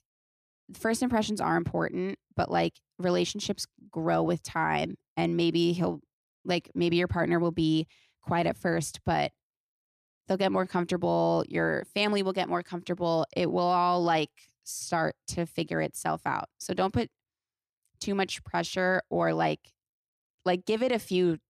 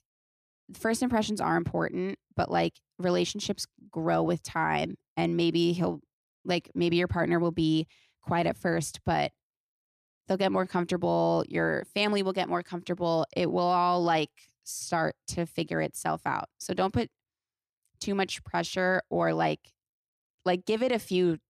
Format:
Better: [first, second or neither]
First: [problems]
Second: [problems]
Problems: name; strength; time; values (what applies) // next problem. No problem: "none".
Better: neither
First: none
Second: none